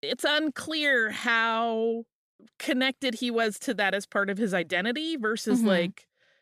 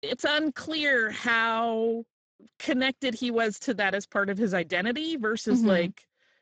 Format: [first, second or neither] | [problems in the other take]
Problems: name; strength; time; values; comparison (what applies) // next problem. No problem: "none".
first | garbled, watery; badly; nothing above 7.5 kHz